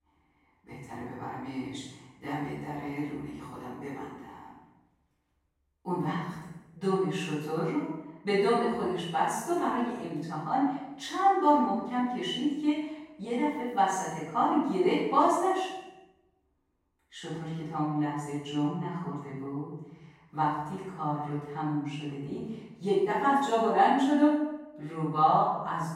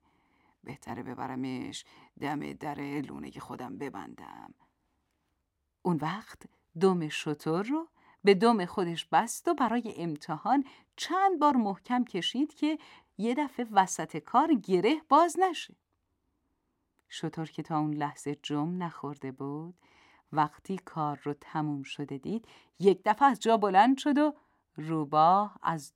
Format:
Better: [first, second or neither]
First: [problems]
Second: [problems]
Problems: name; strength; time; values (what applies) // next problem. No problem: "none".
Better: second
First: room echo; strong; dies away in 0.9 s // off-mic speech; far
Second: none